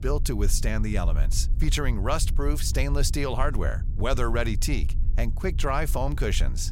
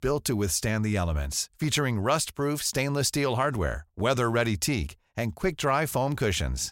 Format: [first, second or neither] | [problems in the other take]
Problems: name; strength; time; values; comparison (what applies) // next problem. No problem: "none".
second | low rumble; noticeable; throughout; 20 dB below the speech